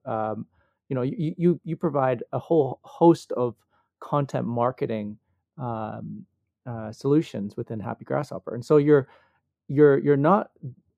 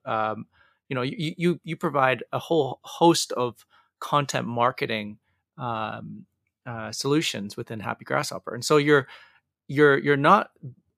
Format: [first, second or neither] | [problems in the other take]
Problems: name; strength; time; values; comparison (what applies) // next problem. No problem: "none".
second | muffled; slightly; fading above 1 kHz